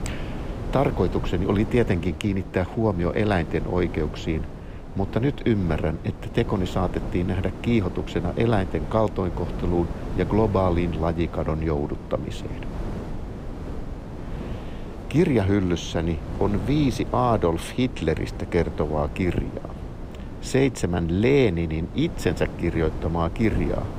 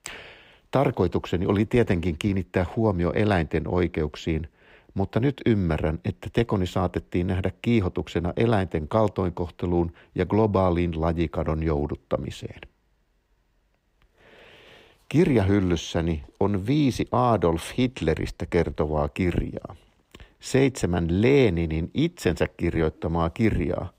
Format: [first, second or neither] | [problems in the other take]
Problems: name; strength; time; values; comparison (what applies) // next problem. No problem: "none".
second | wind noise on the microphone; occasional gusts; 15 dB below the speech